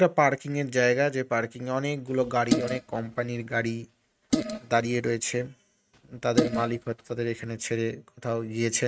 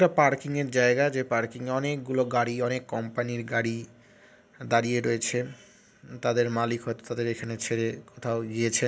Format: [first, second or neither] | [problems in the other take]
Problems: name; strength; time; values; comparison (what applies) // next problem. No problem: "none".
second | noise reduction (neural mask model RNNoise)